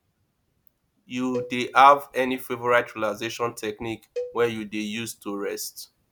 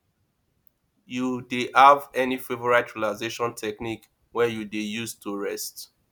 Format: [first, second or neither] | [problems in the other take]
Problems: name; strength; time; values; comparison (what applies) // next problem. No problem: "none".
second | background sound (Cowbell); 14 dB below the speech